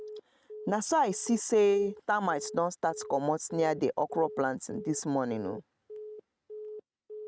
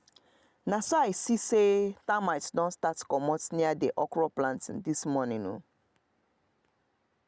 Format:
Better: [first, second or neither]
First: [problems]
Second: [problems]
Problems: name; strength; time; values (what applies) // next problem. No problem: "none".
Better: second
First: noise reduction (neural mask model RNNoise)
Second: none